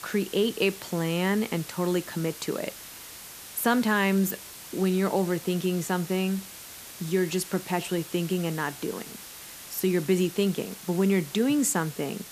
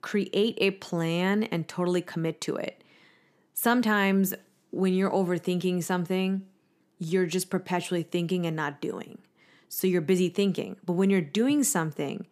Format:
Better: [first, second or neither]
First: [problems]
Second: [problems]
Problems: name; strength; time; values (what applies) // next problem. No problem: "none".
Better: second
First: hiss; noticeable; throughout; 15 dB below the speech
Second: none